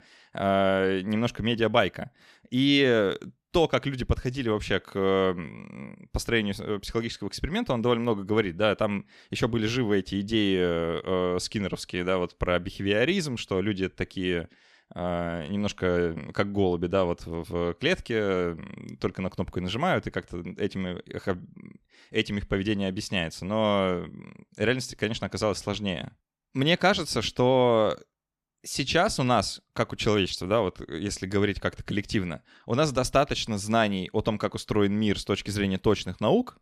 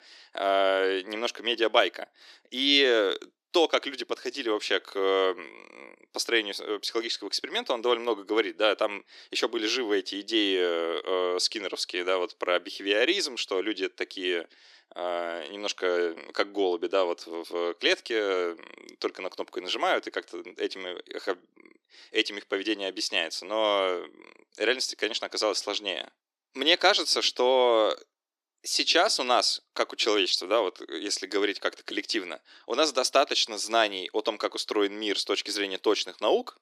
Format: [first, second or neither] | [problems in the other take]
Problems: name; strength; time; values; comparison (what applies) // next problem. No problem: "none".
first | thin; somewhat; fading below 300 Hz